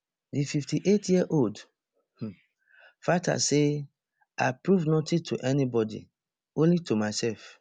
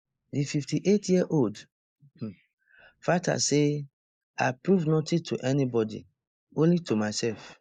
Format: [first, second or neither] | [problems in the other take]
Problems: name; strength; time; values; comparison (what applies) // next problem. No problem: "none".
first | noise reduction (neural mask model Resemble Enhance denoiser)